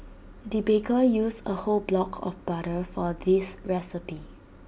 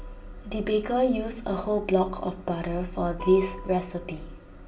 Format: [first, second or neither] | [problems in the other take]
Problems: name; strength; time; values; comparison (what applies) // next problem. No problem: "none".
first | background sound (Guitar); 20 dB below the speech // room echo; dies away in 1.3 s